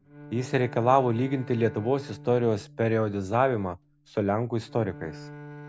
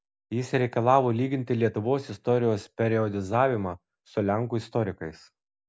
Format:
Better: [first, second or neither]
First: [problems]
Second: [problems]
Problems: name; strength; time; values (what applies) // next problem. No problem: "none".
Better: second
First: background sound (Bowed string instrument); 18 dB below the speech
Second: none